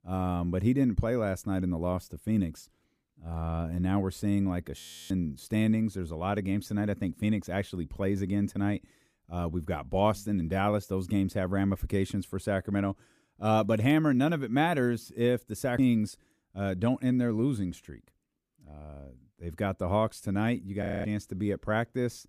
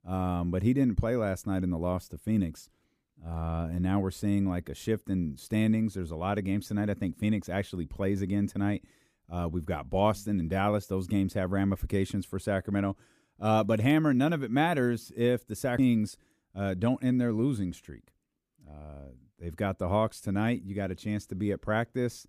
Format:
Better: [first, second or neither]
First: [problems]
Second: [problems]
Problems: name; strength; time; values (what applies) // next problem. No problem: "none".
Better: second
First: audio freezing; at 5 s and at 21 s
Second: none